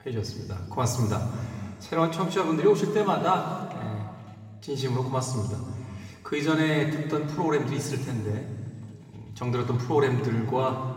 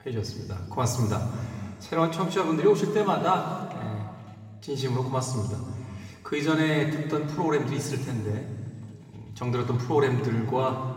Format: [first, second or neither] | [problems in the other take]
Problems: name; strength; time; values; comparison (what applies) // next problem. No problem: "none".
neither | room echo; noticeable; dies away in 2.1 s; the same in both // off-mic speech; somewhat distant; the same in both